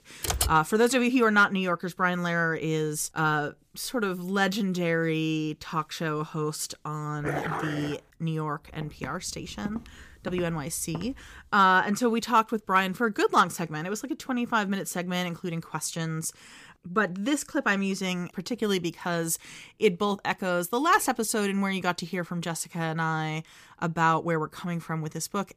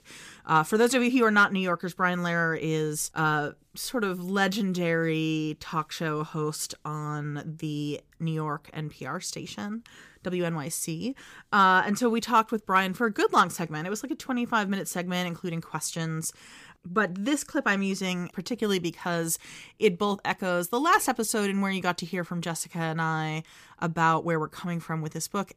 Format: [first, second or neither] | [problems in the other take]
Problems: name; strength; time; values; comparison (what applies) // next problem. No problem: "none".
second | keyboard typing; noticeable; at the start; peak level with the speech // dog barking; noticeable; at 7 s; peak 4 dB below the speech // footsteps; faint; from 8.5 to 11 s; peak 15 dB below the speech